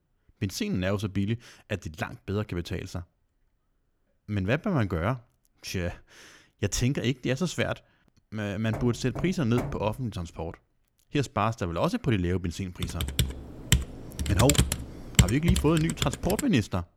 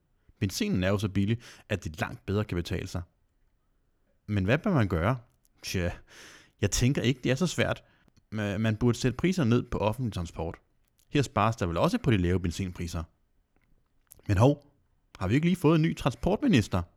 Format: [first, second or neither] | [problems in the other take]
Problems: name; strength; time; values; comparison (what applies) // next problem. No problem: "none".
second | door banging; noticeable; from 8.5 to 10 s; peak 7 dB below the speech // keyboard typing; loud; from 13 to 16 s; peak 6 dB above the speech